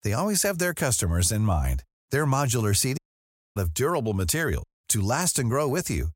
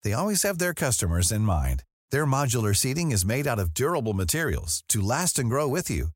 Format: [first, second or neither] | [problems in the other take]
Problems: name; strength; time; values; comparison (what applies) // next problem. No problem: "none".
second | audio cutting out; at 3 s for 0.5 s and at 4.5 s